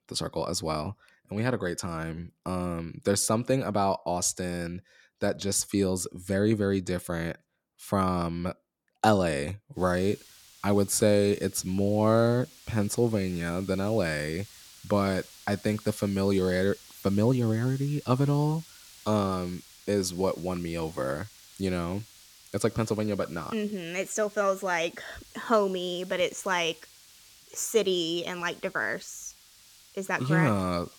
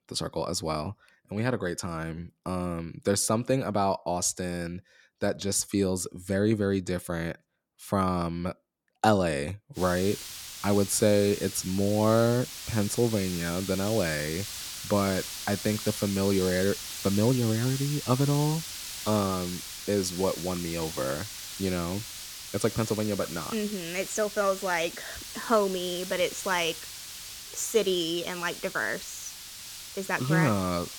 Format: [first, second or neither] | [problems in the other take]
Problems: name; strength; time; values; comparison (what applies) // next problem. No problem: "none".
first | hiss; loud; from 10 s on; 9 dB below the speech; faint in the first